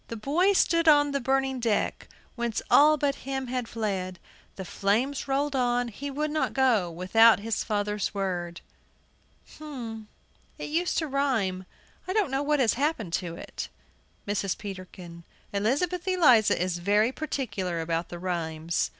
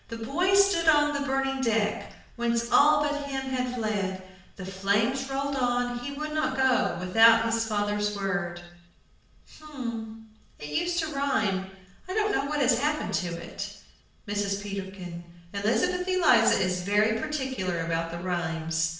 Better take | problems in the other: first | room echo; dies away in 0.7 s

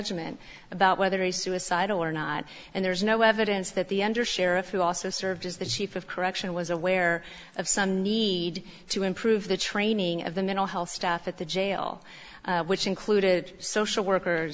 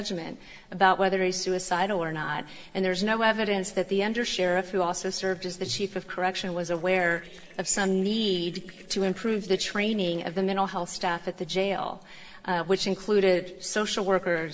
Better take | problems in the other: first | noise reduction (neural separator model SepFormer DNS4)

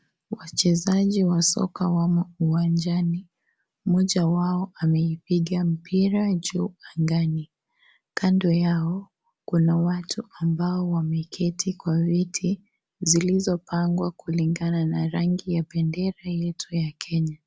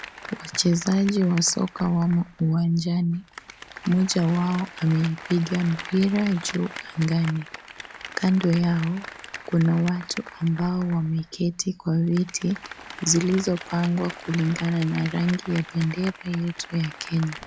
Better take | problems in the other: first | background sound (Applause); 15 dB below the speech

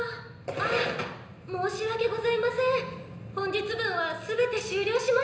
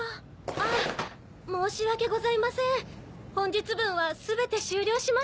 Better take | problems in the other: second | room echo; dies away in 0.9 s

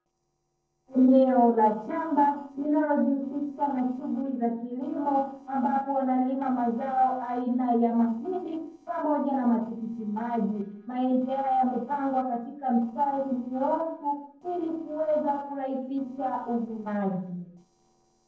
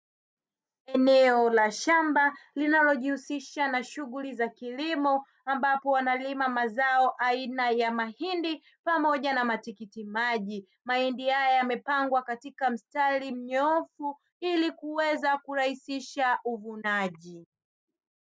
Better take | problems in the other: second | noise reduction (neural separator model SepFormer DNS4)

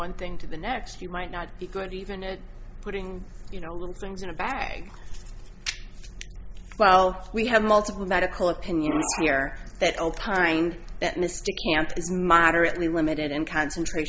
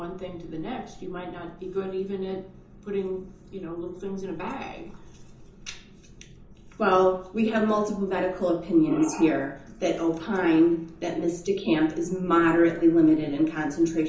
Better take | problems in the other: first | room echo; dies away in 0.6 s

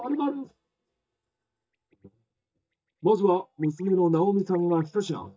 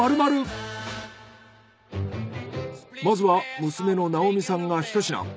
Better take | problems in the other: second | noise reduction (neural mask model DeepFilterNet 3)

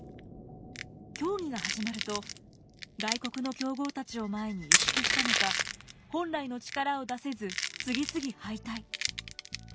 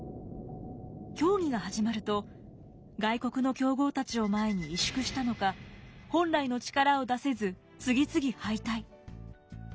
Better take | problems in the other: second | background sound (Crushing); 1 dB above the speech

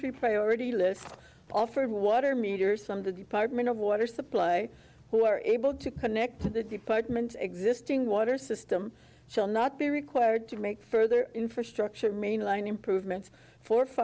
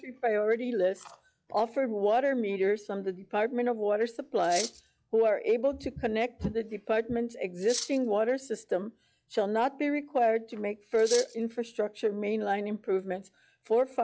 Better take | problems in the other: first | noise reduction (classical method log-MMSE)

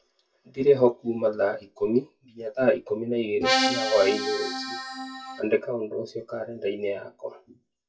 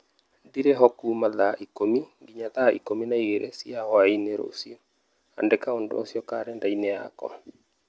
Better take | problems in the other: second | noise reduction (classical method WPE with log-MMSE)

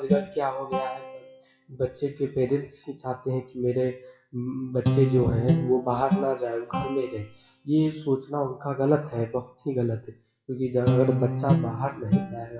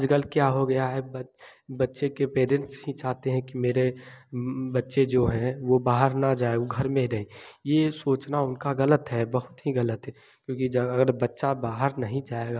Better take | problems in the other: second | noise reduction (classical method WPE with log-MMSE)

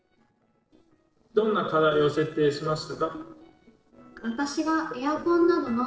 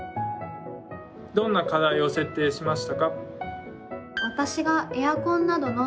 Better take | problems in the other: second | noise reduction (neural separator model SepFormer DNS4)

